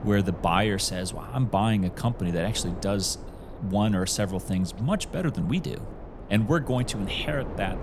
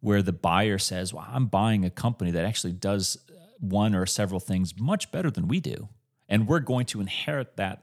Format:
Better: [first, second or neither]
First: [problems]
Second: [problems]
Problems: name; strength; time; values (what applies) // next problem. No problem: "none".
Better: second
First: wind noise on the microphone; occasional gusts; 15 dB below the speech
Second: none